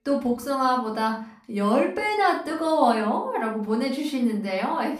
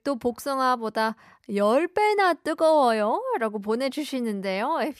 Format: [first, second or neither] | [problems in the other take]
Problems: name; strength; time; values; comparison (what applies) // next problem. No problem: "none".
second | off-mic speech; far // room echo; slight; dies away in 0.4 s